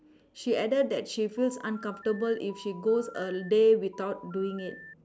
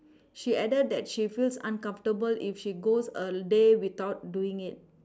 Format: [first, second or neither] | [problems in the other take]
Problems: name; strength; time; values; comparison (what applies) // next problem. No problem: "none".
second | background sound (Telephone); 19 dB below the speech